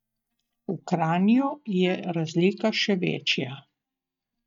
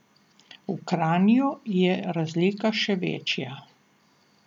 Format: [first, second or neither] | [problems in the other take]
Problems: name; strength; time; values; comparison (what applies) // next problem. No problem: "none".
second | noise reduction (neural mask model DeepFilterNet 3)